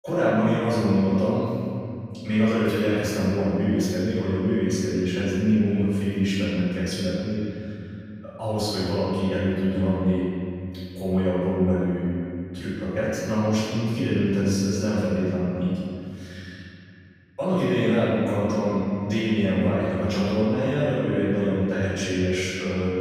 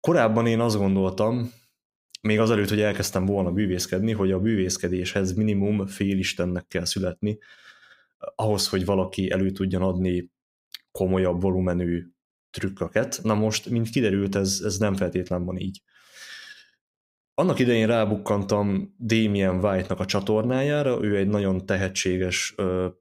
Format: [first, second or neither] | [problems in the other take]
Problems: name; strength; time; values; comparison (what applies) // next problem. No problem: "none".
second | off-mic speech; far // room echo; strong; dies away in 2.6 s